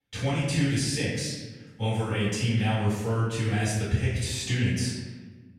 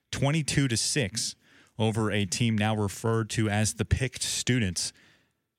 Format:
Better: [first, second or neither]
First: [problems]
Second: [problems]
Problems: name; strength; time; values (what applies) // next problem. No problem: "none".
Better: second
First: off-mic speech; far // room echo; noticeable; dies away in 1.1 s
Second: none